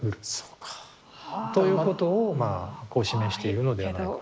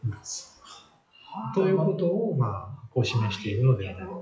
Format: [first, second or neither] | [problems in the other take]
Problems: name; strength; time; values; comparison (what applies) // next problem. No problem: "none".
first | noise reduction (classical method WPE with log-MMSE)